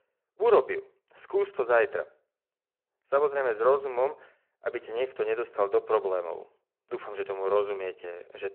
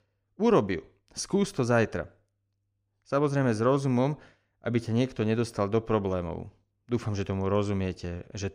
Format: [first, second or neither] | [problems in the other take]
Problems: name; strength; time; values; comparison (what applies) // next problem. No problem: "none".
second | phone-call audio